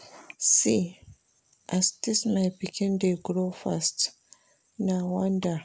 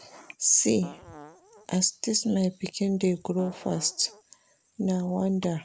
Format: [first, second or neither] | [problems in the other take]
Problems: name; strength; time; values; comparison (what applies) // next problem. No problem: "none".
first | background sound (Fart); 19 dB below the speech